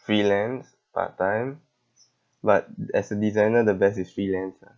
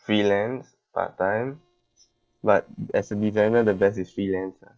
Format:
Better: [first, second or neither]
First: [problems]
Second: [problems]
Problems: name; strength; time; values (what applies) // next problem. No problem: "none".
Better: first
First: none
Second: noise reduction (neural separator model SepFormer DNS4)